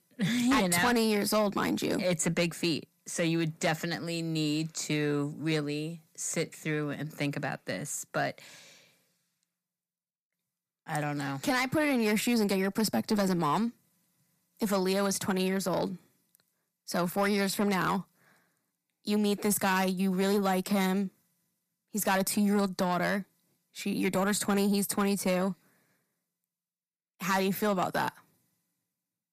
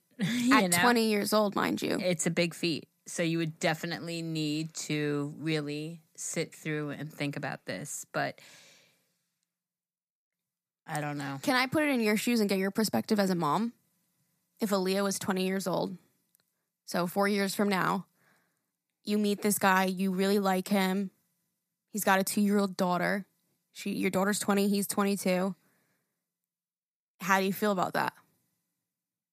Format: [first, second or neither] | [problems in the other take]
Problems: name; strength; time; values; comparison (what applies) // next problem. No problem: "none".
second | distortion; slight; 10 dB below the speech